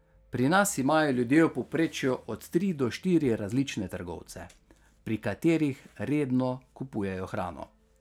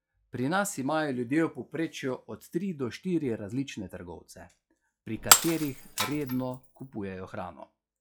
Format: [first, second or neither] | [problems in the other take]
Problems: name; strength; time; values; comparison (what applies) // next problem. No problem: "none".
first | noise reduction (classical method log-MMSE)